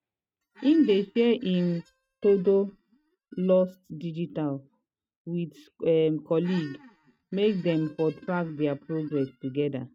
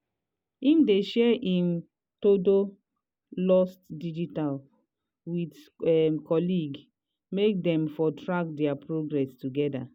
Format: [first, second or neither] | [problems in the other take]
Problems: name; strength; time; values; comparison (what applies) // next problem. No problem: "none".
second | noise reduction (neural mask model RNNoise)